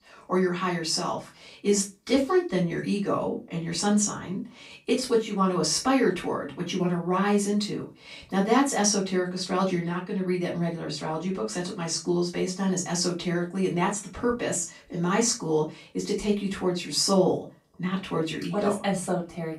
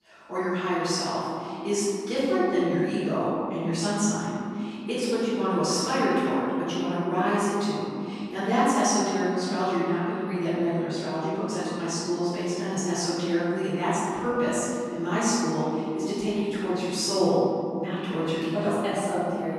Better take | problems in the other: first | room echo; strong; dies away in 2.9 s; slight in the first // off-mic speech; far; far in the first

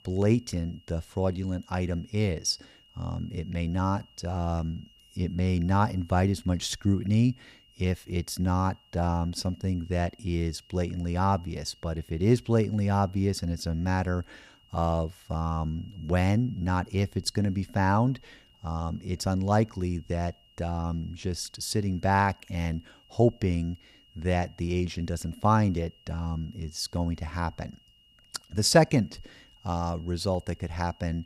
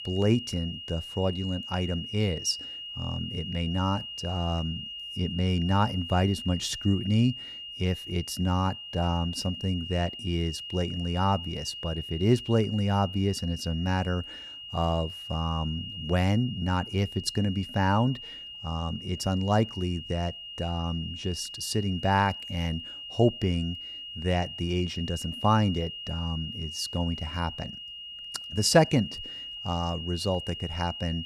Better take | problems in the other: first | high-pitched whine; loud; throughout; 3 kHz, 9 dB below the speech; faint in the first

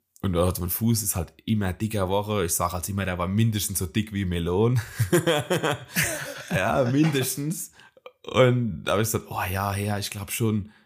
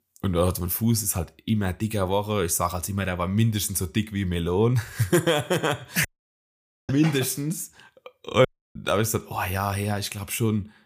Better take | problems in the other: first | audio cutting out; at 6 s for 1 s and at 8.5 s

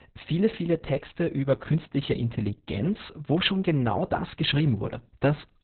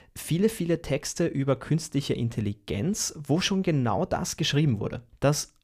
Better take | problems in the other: second | garbled, watery; badly; nothing above 4 kHz

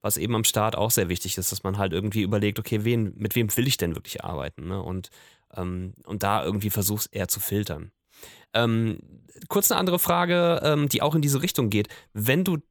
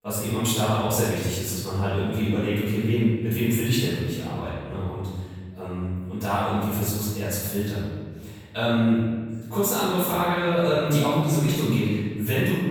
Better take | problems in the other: first | room echo; strong; dies away in 1.6 s // off-mic speech; far

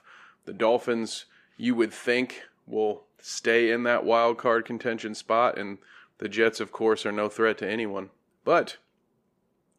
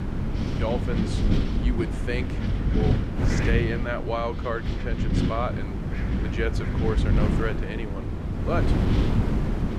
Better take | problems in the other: first | wind noise on the microphone; heavy; 2 dB below the speech

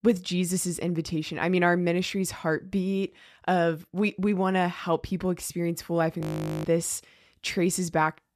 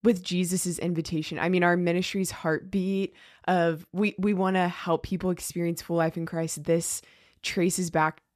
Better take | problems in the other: second | audio freezing; at 6 s

